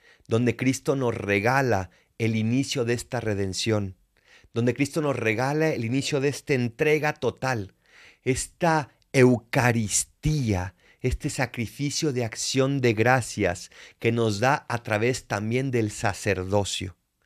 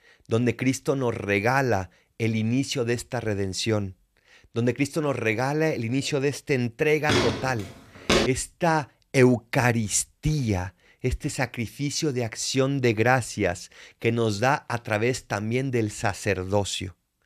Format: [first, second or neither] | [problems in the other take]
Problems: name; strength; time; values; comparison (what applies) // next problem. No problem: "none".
first | footsteps; loud; from 7 to 8.5 s; peak 3 dB above the speech